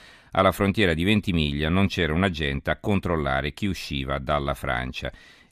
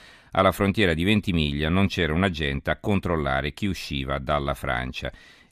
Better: neither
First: none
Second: none

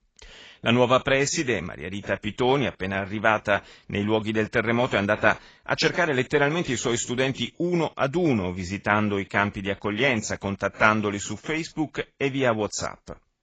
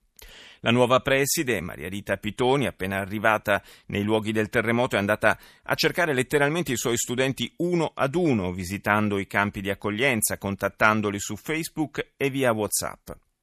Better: second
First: garbled, watery; badly; nothing above 7.5 kHz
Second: none

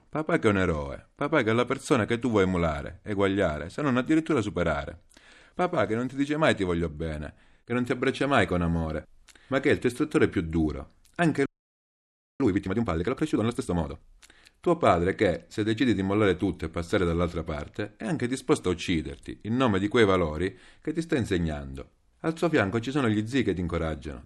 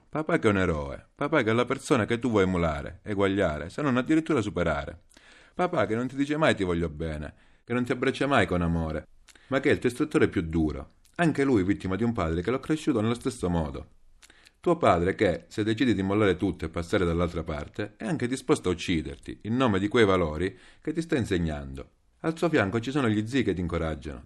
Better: second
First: audio freezing; at 11 s for 1 s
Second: none

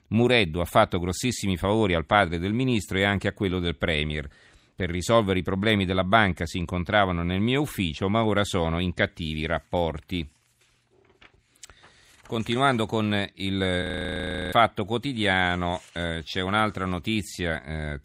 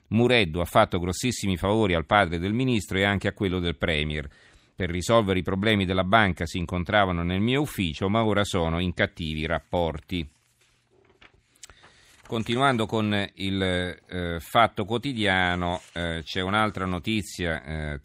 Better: second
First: audio freezing; at 14 s for 0.5 s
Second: none

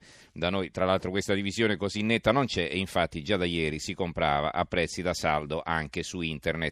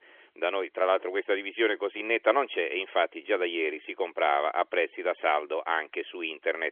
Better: first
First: none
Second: phone-call audio; nothing above 3.5 kHz

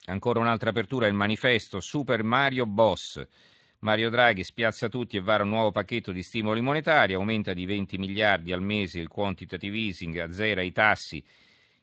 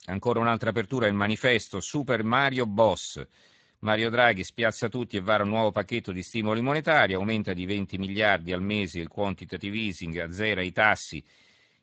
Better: first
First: garbled, watery; slightly; nothing above 7.5 kHz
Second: garbled, watery; badly; nothing above 7.5 kHz

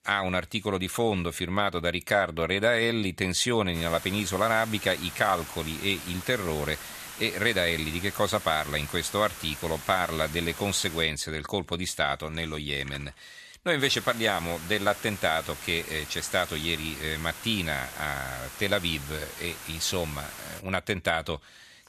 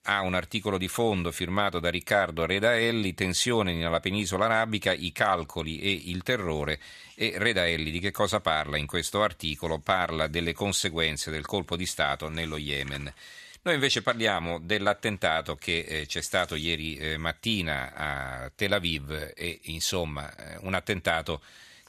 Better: second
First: hiss; noticeable; from 4 to 11 s and from 14 to 21 s; 10 dB below the speech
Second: none

